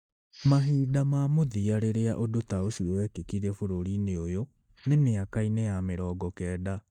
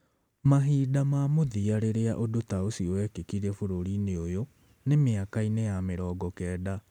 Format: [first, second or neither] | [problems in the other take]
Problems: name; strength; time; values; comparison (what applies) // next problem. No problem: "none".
second | noise reduction (neural mask model DeepFilterNet 3)